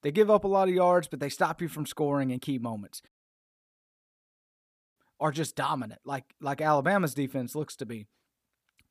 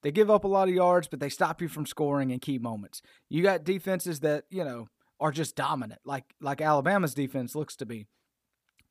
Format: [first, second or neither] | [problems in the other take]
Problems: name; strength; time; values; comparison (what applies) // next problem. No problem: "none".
second | audio cutting out; at 3 s for 2 s